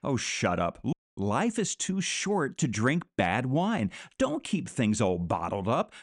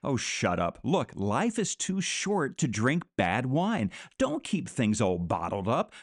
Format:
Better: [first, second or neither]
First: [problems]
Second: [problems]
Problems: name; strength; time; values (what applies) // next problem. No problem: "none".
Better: second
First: audio cutting out; at 1 s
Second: none